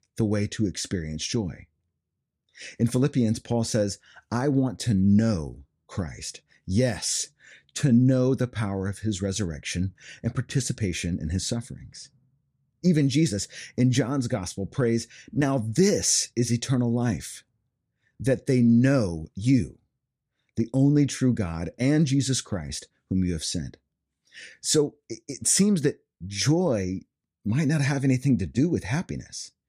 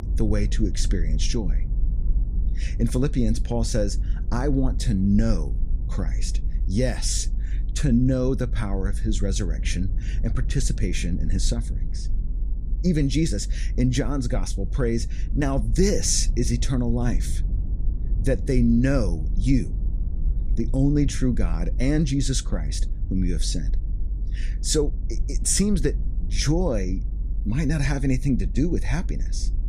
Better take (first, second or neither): first